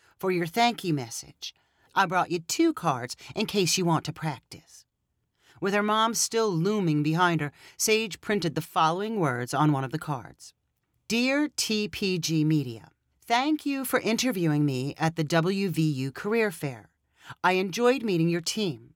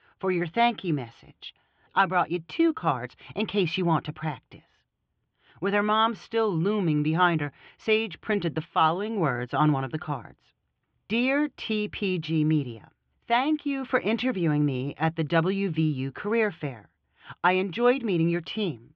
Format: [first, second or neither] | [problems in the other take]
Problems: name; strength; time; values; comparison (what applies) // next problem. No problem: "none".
first | muffled; very; fading above 3.5 kHz